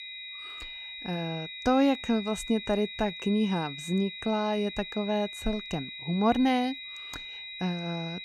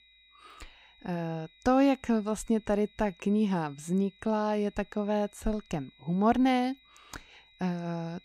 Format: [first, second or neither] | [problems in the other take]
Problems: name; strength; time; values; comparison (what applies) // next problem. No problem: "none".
second | high-pitched whine; loud; throughout; 4 kHz, 9 dB below the speech; faint in the second